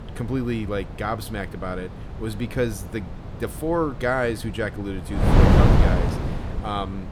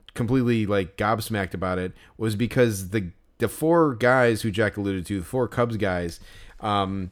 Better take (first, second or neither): second